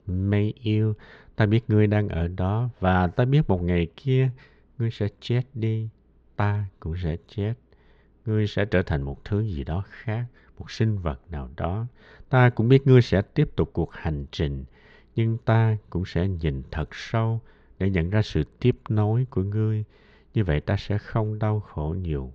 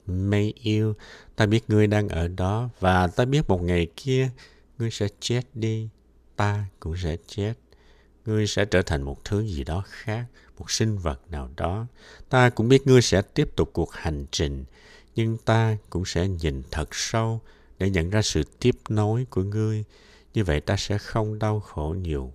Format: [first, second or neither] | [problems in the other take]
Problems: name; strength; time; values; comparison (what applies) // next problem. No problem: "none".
second | muffled; slightly; fading above 3 kHz